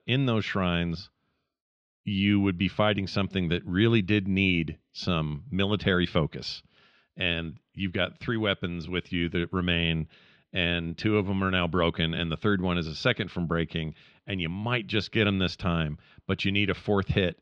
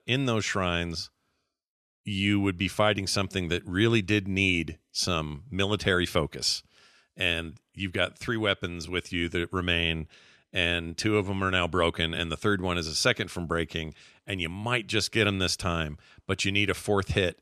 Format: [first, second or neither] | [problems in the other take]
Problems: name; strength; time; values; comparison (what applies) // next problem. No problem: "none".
second | muffled; slightly; fading above 4 kHz